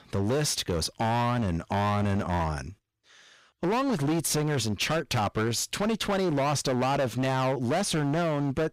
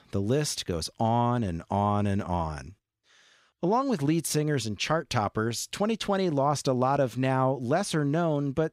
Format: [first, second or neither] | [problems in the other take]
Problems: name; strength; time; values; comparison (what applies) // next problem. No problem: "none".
second | distortion; heavy; 23% of the sound clipped